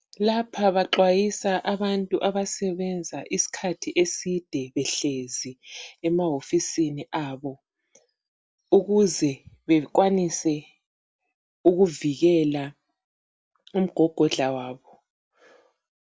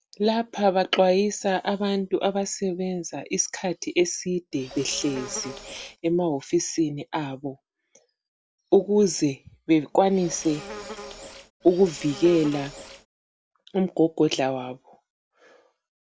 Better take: first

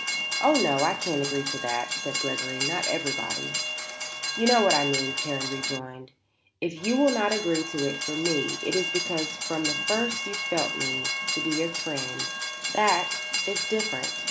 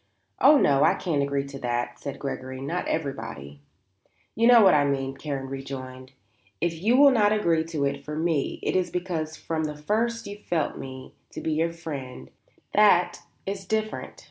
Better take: second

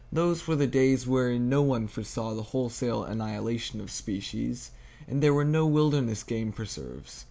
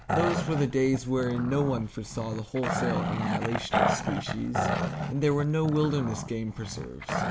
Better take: first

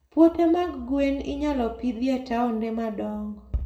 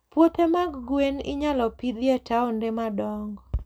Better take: second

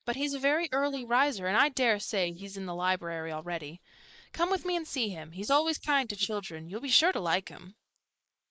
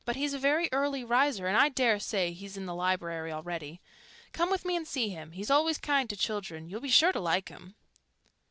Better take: second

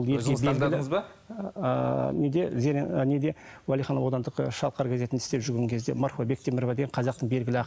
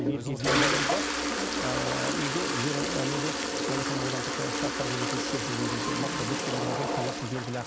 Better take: first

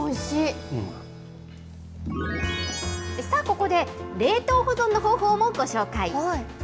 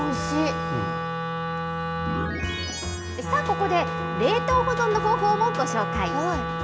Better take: first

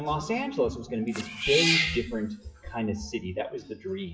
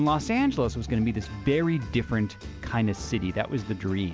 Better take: second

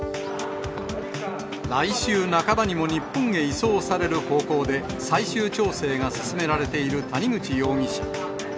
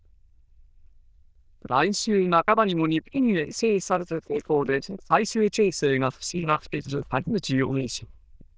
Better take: first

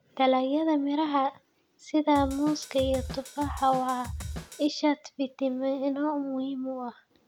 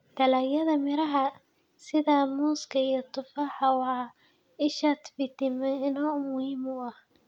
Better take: second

